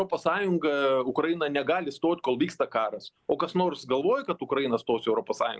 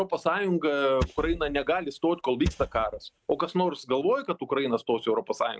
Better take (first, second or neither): first